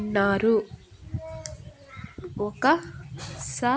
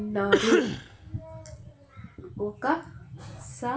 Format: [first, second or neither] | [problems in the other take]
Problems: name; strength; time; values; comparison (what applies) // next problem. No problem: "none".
first | background sound (Cough); 4 dB above the speech // room echo; dies away in 0.3 s